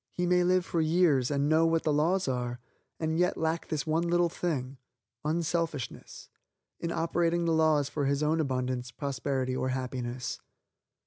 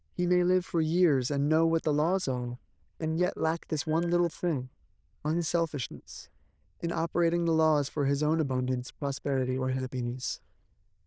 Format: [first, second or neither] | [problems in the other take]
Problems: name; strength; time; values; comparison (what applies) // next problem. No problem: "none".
first | noise reduction (neural diffusion model UNIVERSE++)